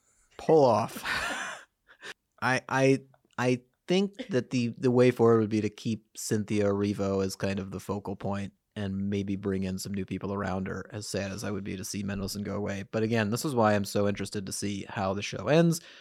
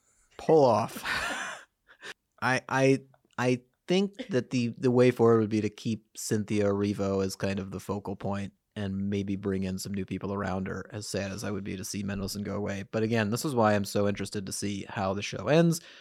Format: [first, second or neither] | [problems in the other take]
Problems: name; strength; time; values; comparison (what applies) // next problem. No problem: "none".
neither | none